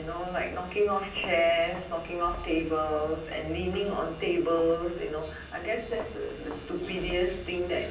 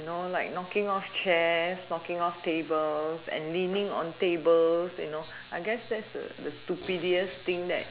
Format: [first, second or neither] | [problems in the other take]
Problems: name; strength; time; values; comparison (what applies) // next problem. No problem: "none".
second | background sound (Walk, footsteps); 13 dB below the speech // room echo; dies away in 0.6 s